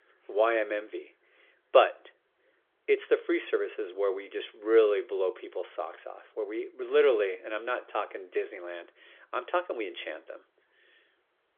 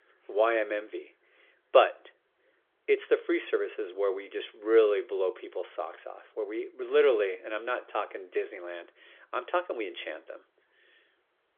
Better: neither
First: phone-call audio; nothing above 3.5 kHz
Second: phone-call audio; nothing above 3.5 kHz

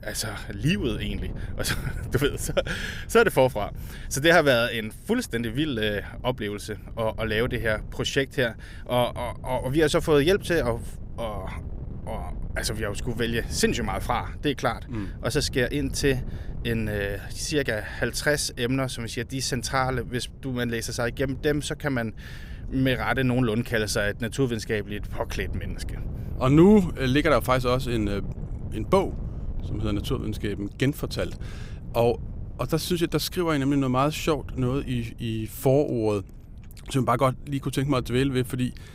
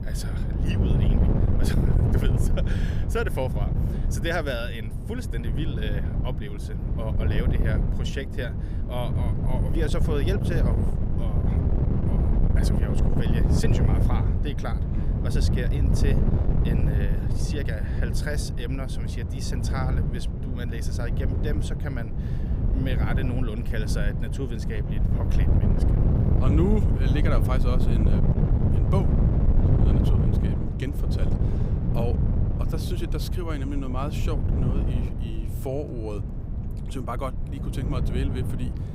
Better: first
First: wind noise on the microphone; occasional gusts; 25 dB below the speech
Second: wind noise on the microphone; heavy; 1 dB below the speech

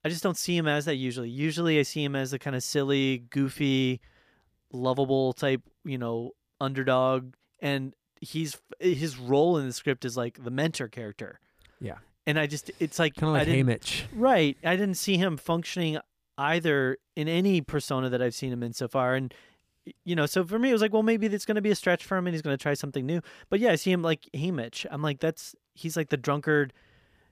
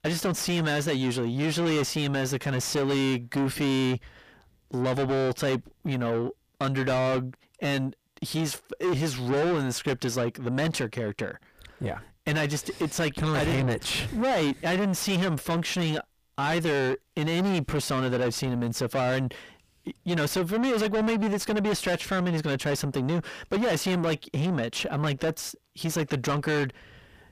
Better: first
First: none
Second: distortion; heavy; 5 dB below the speech

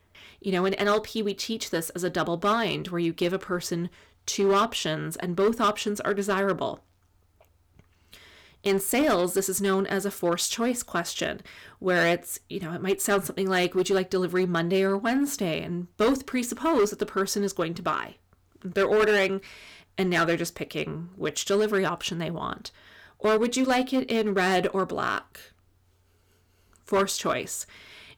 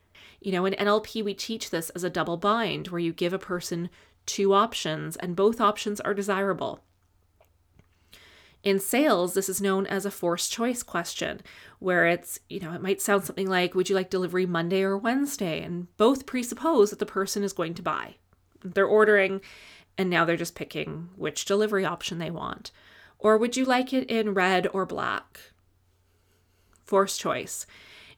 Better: second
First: distortion; slight; 5% of the sound clipped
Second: none

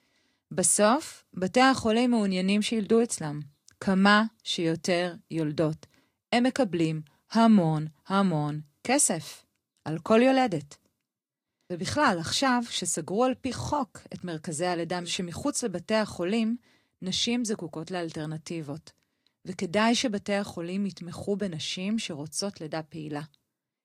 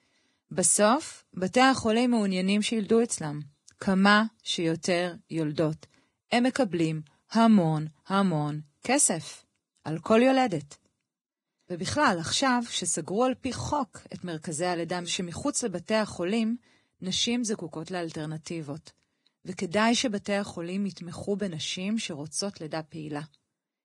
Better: first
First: garbled, watery; slightly; nothing above 14.5 kHz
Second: garbled, watery; badly; nothing above 10 kHz

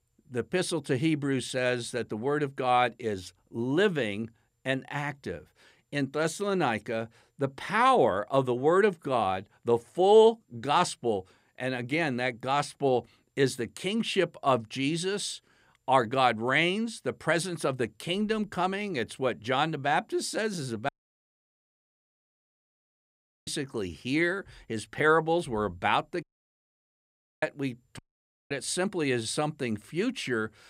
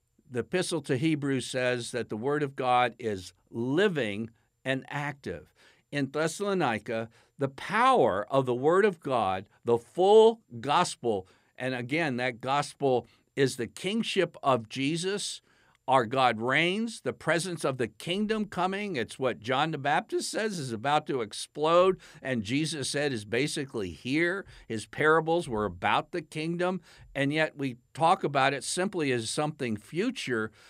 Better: second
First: audio cutting out; at 21 s for 2.5 s, at 26 s for 1 s and at 28 s for 0.5 s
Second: none

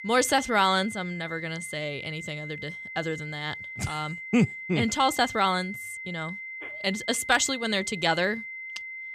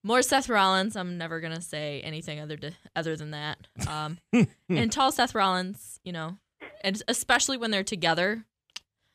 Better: second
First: high-pitched whine; loud; throughout; 2 kHz, 9 dB below the speech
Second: none

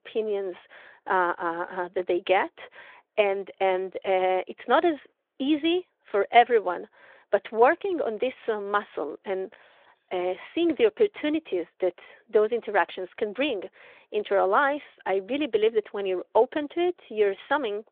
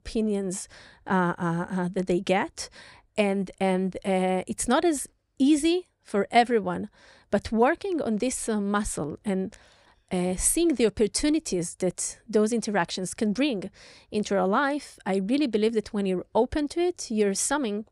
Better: second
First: phone-call audio; nothing above 3.5 kHz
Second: none

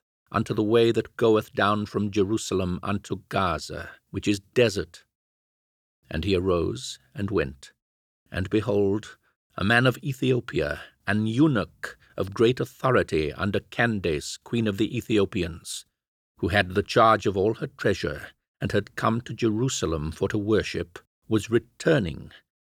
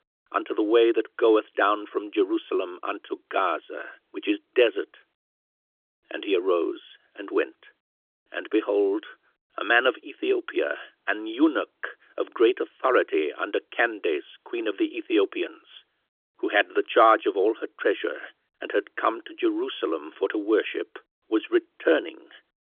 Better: first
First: none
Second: phone-call audio; nothing above 3.5 kHz

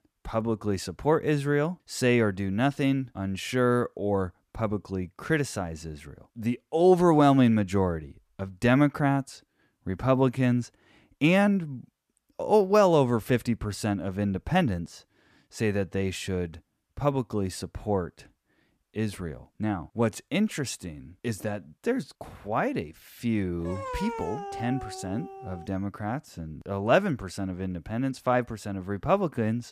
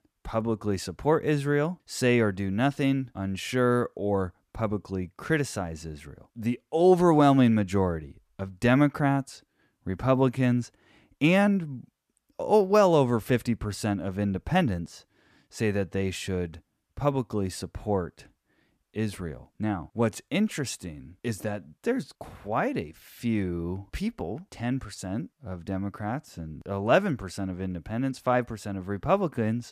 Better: second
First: dog barking; noticeable; from 24 to 26 s; peak 7 dB below the speech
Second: none

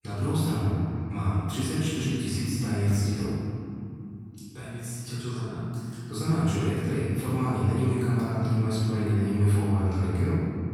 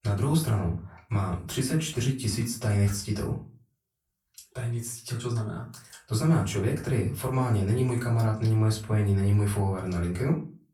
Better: second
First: room echo; strong; dies away in 3 s // off-mic speech; far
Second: room echo; slight; dies away in 0.3 s // off-mic speech; far

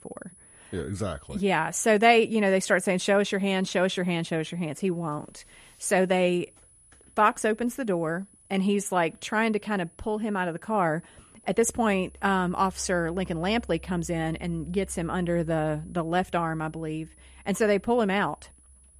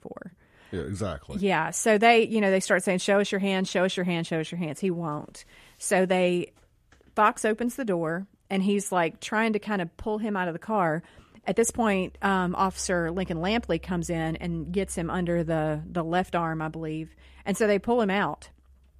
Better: second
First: high-pitched whine; faint; throughout; 10 kHz, 30 dB below the speech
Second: none

